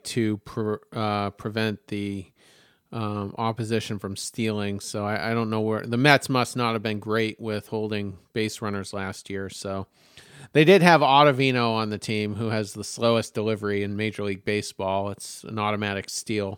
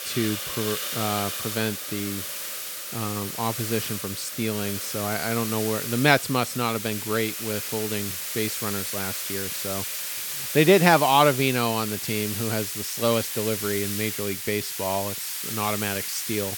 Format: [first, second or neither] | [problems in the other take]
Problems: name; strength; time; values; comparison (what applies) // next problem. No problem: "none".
first | hiss; loud; throughout; 3 dB below the speech